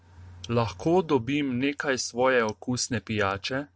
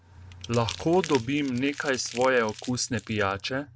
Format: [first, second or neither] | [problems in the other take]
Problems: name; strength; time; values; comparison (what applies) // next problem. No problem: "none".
first | background sound (Crumpling, crinkling); 16 dB below the speech